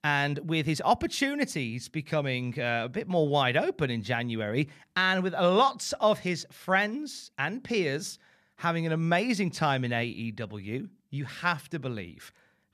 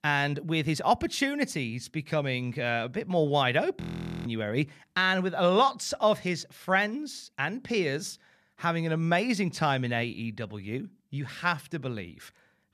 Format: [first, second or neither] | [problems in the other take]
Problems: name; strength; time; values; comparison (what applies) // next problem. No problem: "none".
first | audio freezing; at 4 s